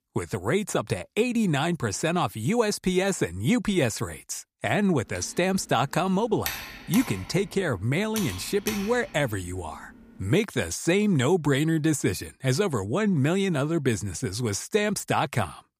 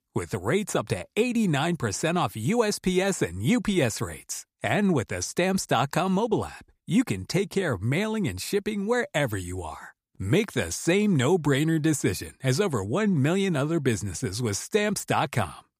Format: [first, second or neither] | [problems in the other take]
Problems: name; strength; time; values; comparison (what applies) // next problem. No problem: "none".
second | keyboard typing; noticeable; from 5 to 9 s; peak 6 dB below the speech